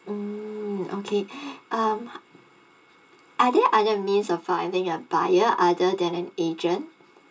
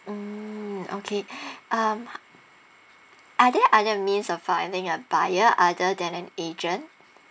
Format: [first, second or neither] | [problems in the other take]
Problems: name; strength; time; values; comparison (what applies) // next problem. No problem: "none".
second | room echo; dies away in 0.2 s